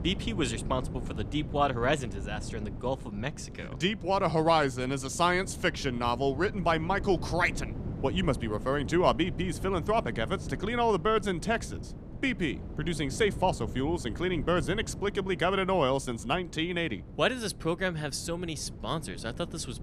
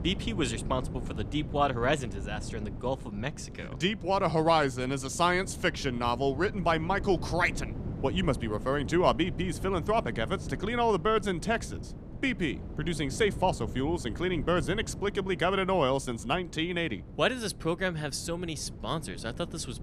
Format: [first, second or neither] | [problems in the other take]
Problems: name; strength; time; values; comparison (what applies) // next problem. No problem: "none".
neither | wind noise on the microphone; occasional gusts; 20 dB below the speech; the same in both